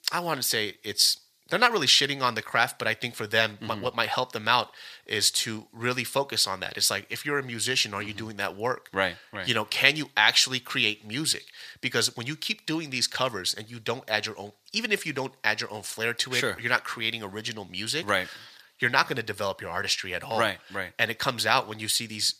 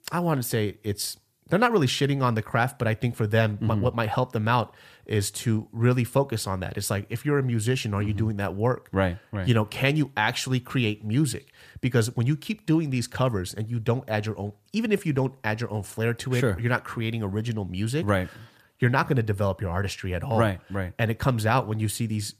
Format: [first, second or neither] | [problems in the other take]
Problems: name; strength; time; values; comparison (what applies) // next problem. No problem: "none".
second | thin; somewhat; fading below 950 Hz